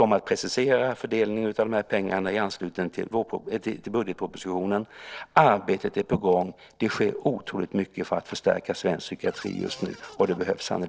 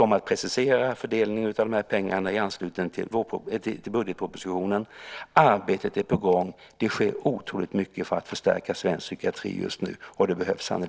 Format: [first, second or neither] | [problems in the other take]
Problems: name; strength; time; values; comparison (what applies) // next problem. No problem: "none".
second | noise reduction (neural separator model SepFormer DNS4)